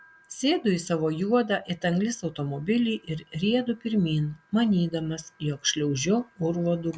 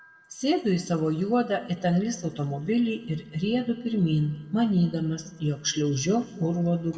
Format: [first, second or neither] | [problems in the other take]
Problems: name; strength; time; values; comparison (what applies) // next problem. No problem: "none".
first | room echo; dies away in 1.1 s